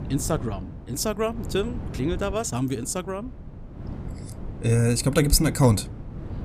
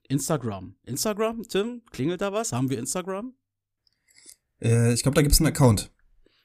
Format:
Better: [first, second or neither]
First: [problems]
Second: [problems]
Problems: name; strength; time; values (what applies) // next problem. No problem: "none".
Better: second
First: wind noise on the microphone; occasional gusts; 15 dB below the speech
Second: none